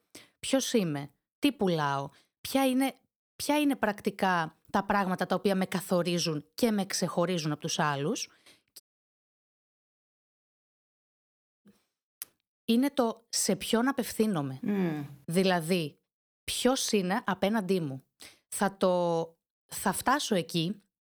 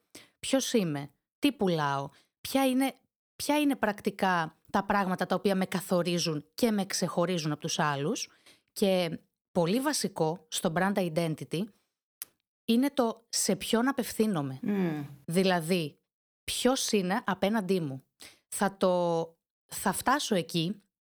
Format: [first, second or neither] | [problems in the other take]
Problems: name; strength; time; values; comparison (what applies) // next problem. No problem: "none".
second | audio cutting out; at 9 s for 3 s